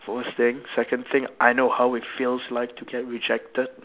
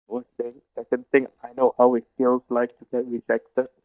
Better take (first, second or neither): first